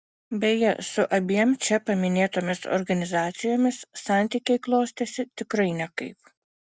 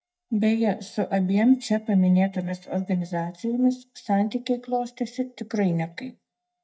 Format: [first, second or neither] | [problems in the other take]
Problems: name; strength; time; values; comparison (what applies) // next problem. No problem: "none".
first | noise reduction (neural mask model DeepFilterNet 3)